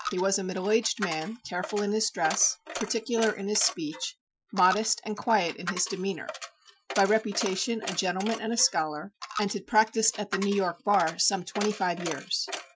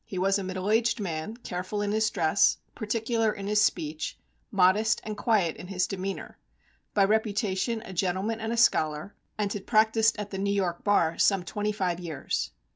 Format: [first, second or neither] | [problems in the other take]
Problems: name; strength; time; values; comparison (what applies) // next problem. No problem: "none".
second | noise reduction (classical method Wiener filter)